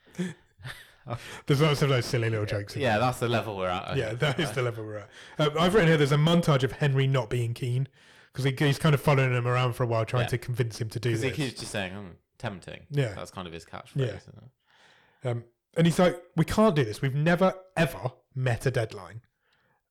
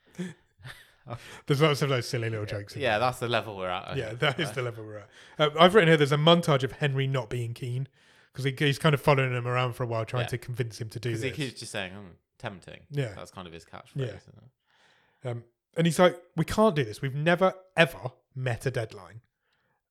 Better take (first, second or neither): second